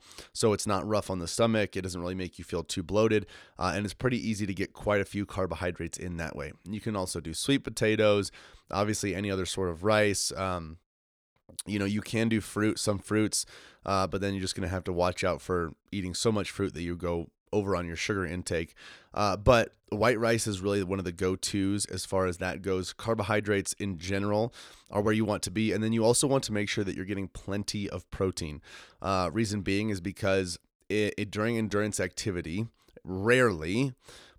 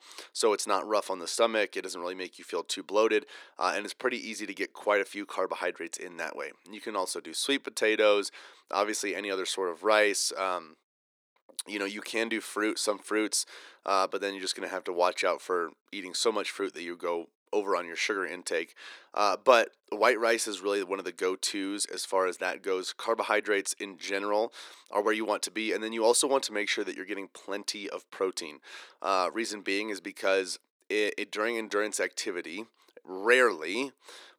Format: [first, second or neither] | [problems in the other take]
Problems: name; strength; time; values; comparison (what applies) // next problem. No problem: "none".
first | thin; somewhat; fading below 300 Hz